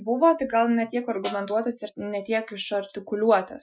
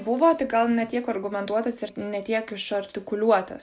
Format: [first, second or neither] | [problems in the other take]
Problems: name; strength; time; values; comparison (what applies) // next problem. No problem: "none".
second | noise reduction (classical method Wiener filter)